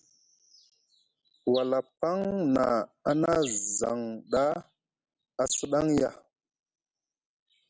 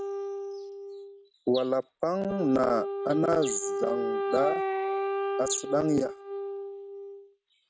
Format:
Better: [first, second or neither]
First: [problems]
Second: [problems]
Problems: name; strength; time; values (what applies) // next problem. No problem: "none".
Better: first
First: none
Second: noise reduction (neural mask model RNNoise)